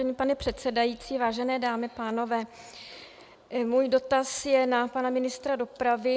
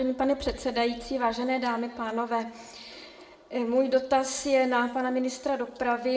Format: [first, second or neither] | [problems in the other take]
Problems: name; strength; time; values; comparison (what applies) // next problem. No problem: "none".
first | room echo; dies away in 0.6 s